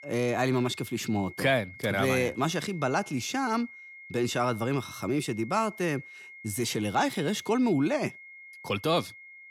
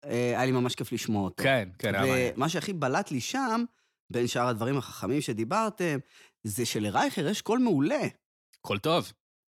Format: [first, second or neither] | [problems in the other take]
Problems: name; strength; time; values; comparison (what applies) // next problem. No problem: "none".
second | high-pitched whine; noticeable; throughout; 2 kHz, 15 dB below the speech